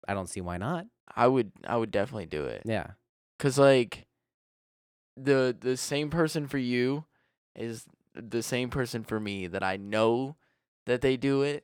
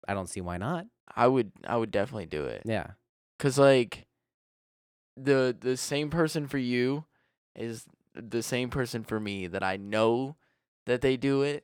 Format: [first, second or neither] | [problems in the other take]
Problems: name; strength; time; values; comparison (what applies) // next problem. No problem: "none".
neither | none